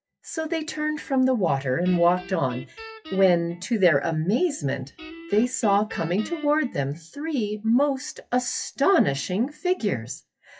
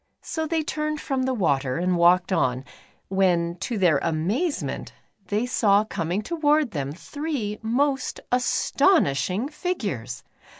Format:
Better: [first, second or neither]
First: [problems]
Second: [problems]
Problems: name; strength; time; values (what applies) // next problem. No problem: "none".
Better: second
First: noise reduction (classical method WPE with log-MMSE)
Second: none